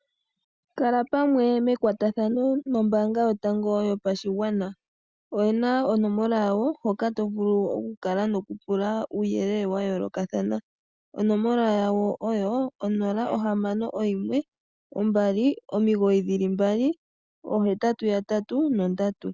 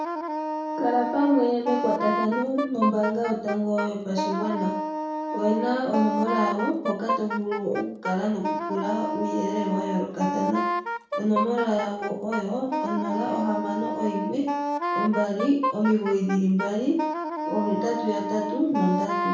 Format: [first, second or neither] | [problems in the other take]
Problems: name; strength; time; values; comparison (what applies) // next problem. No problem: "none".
first | background sound (Wind instrument, woodwind instrument); 3 dB below the speech // room echo; dies away in 0.5 s